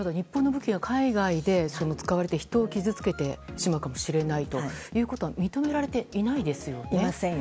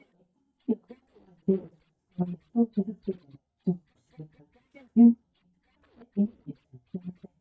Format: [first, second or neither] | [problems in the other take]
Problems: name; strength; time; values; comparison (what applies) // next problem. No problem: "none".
first | noise reduction (neural mask model DeepFilterNet 3)